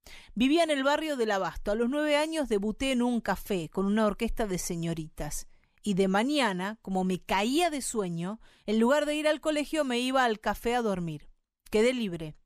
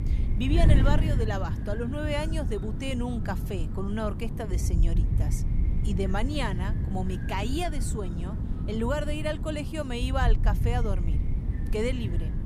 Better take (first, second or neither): first